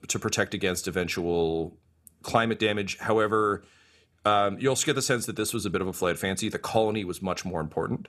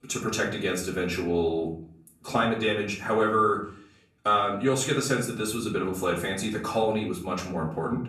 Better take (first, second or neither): first